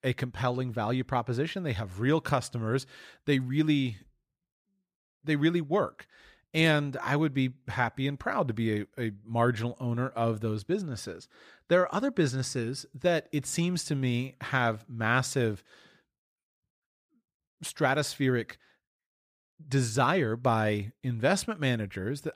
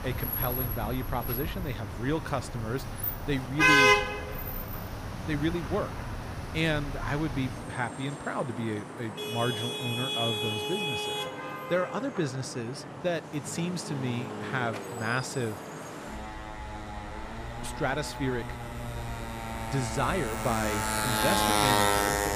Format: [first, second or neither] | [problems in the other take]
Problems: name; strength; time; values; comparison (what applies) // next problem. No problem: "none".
first | traffic noise; very loud; throughout; 2 dB above the speech